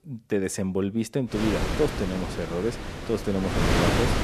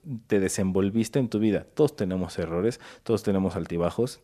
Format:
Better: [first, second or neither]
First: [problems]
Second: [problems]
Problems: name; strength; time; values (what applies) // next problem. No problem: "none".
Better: second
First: wind noise on the microphone; heavy; from 1.5 s on; 1 dB above the speech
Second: none